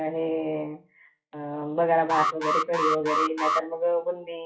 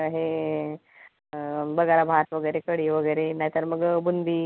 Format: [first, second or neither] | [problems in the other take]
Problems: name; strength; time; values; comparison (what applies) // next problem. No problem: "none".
second | noise reduction (classical method WPE with log-MMSE)